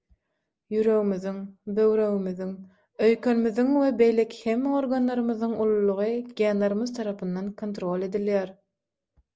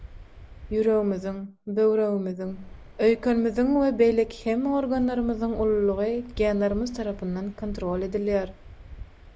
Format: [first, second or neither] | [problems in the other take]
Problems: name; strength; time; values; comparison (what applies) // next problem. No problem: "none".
first | background sound (Waves, surf); 17 dB below the speech